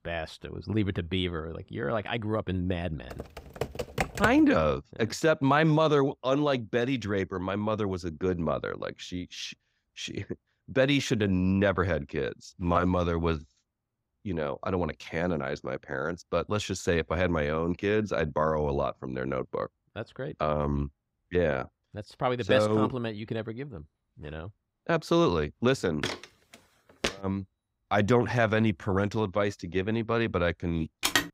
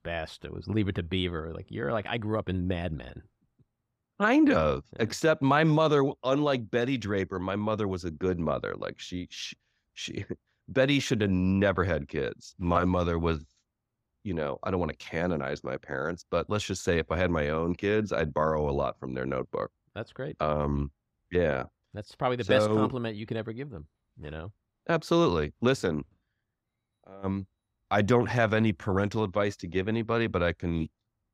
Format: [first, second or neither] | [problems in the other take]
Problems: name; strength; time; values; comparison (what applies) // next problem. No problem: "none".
second | keyboard typing; noticeable; from 3 to 4.5 s; peak 1 dB below the speech // footsteps; noticeable; from 26 to 27 s; peak 5 dB below the speech // phone ringing; loud; at 31 s; peak 2 dB above the speech